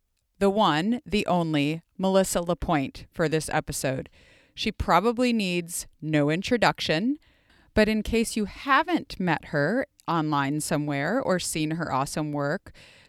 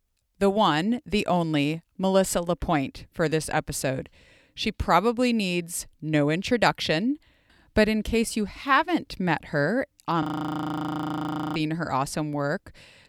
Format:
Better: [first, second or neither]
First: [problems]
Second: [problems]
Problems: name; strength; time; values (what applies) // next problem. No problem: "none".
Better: first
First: none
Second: audio freezing; at 10 s for 1.5 s